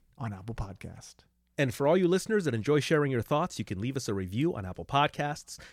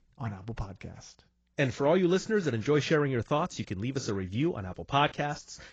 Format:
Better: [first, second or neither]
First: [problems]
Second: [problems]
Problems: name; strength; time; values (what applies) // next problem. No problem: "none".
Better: first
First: none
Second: garbled, watery; badly; nothing above 7.5 kHz